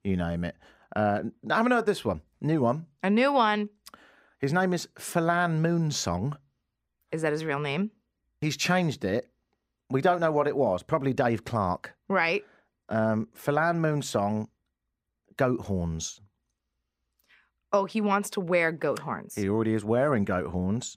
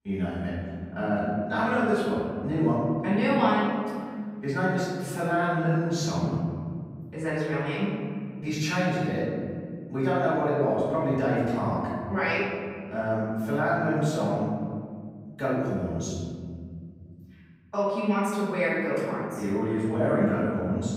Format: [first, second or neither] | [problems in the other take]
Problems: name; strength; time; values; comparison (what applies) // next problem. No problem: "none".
first | off-mic speech; far // room echo; strong; dies away in 2.4 s